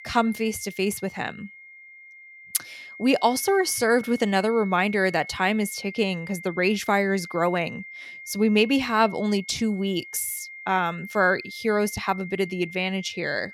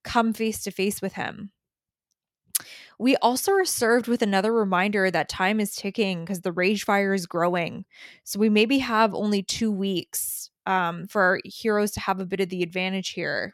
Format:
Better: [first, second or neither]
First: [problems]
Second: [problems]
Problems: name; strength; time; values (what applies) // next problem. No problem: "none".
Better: second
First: high-pitched whine; noticeable; throughout; 2 kHz, 15 dB below the speech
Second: none